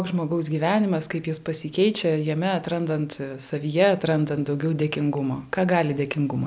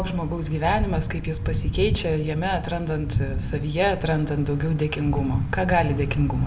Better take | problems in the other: first | background sound (Thunder / Bicycle); 3 dB below the speech // room echo; dies away in 0.6 s

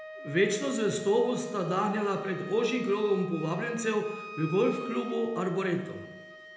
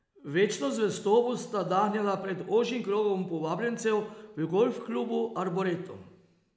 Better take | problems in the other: second | background sound (Wind instrument, woodwind instrument); 15 dB below the speech // room echo; dies away in 0.8 s

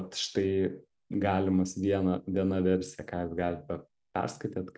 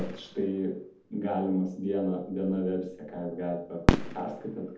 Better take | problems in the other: first | background sound (Fireworks); 2 dB below the speech // room echo; dies away in 0.6 s

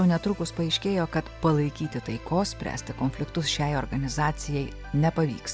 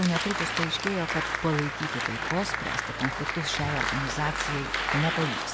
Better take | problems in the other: first | background sound (Applause); as loud as the speech

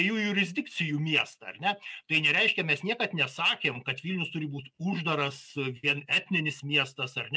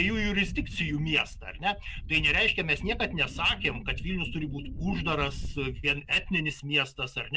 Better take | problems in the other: first | background sound (Wind); 8 dB below the speech

